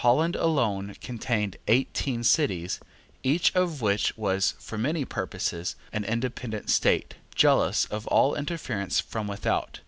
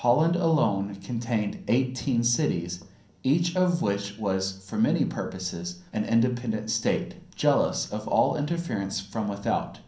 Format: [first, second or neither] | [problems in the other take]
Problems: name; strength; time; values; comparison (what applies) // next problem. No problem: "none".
first | room echo; dies away in 0.6 s